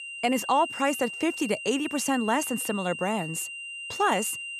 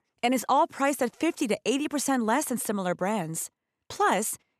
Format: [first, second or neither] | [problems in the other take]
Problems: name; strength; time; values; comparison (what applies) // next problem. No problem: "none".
second | high-pitched whine; loud; throughout; 3 kHz, 8 dB below the speech